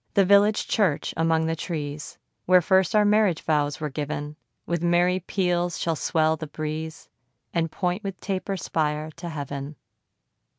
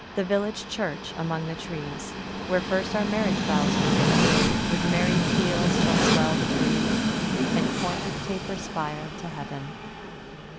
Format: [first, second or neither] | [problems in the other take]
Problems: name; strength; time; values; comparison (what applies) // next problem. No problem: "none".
first | background sound (Train); 5 dB above the speech